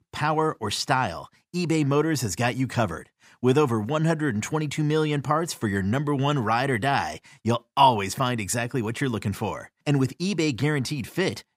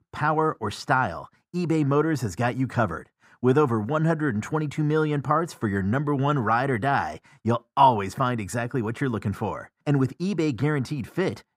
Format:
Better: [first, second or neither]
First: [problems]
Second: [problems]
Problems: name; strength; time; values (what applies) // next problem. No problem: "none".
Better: first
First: none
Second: muffled; slightly; fading above 2 kHz